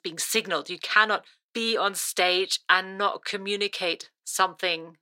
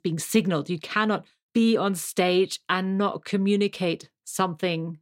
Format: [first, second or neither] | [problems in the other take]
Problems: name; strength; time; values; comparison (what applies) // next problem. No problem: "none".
second | thin; very; fading below 550 Hz